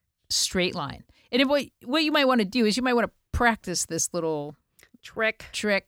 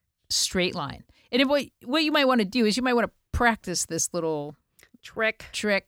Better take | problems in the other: neither | none

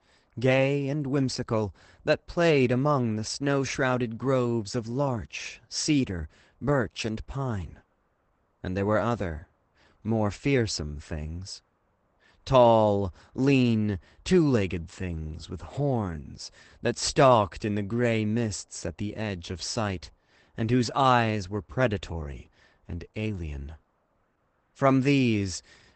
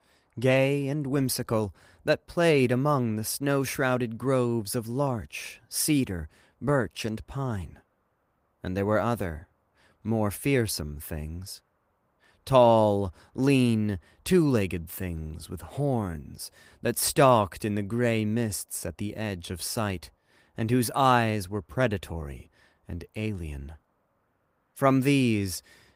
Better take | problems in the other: second | garbled, watery; badly; nothing above 8 kHz; slightly in the second

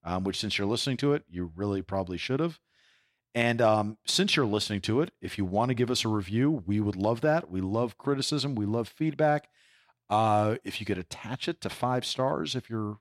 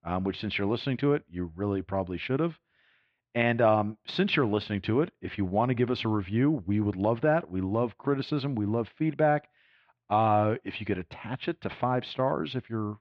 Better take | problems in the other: first | muffled; slightly; fading above 3 kHz

